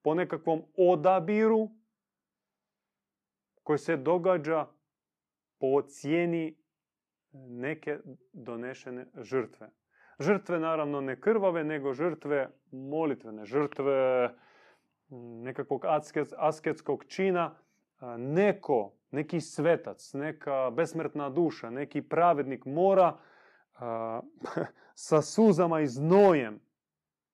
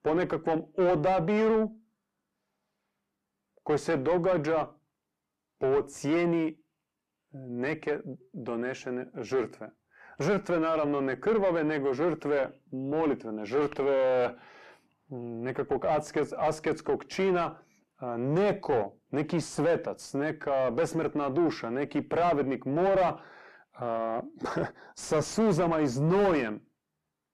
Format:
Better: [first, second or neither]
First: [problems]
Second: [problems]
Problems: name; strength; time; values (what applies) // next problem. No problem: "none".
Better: first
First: none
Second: distortion; heavy; 7 dB below the speech